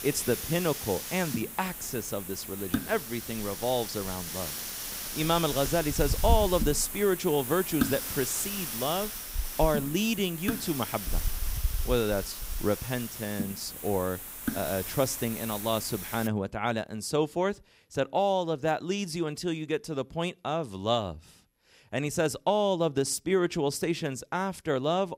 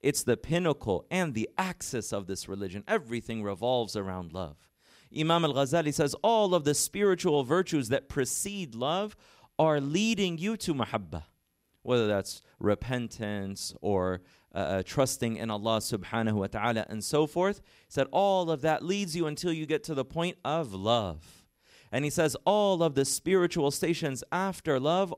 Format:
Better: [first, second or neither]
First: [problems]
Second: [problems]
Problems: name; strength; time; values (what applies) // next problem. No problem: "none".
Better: second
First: hiss; loud; until 16 s; 4 dB below the speech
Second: none